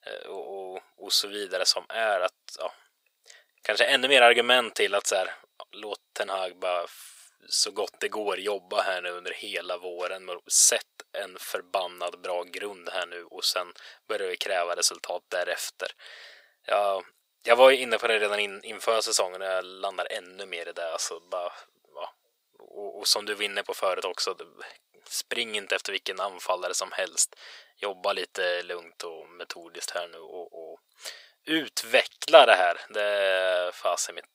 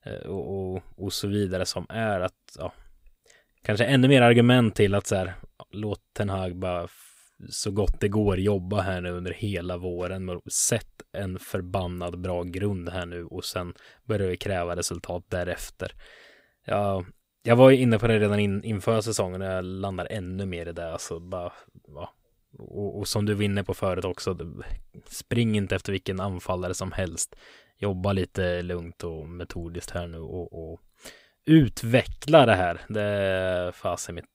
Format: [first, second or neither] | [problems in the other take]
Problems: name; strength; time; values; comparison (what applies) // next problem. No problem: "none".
second | thin; very; fading below 550 Hz